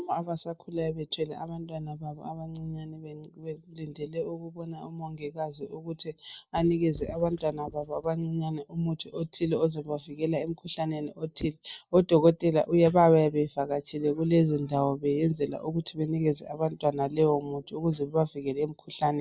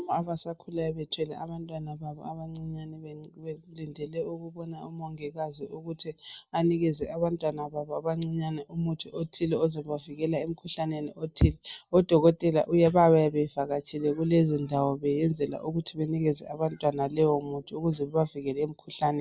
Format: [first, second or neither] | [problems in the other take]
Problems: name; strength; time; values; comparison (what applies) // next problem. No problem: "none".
second | noise reduction (neural mask model DeepFilterNet 3)